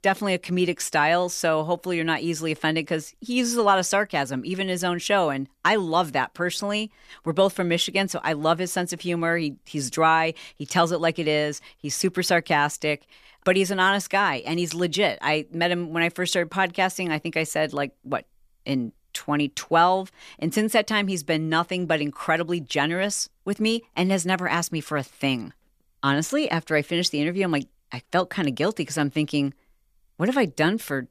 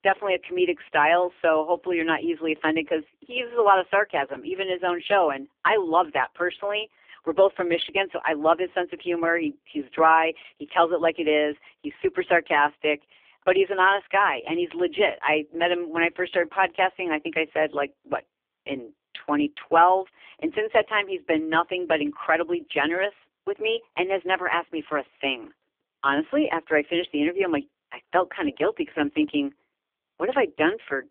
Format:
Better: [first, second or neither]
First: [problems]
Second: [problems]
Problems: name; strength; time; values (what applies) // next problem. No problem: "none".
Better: first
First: none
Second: phone-call audio; poor line